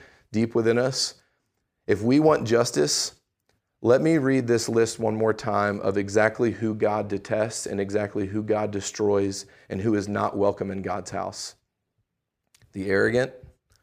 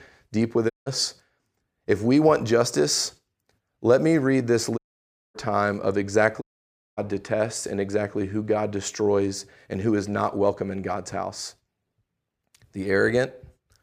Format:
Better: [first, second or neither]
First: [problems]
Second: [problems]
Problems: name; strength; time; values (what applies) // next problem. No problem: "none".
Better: first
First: none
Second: audio cutting out; at 0.5 s, at 5 s for 0.5 s and at 6.5 s for 0.5 s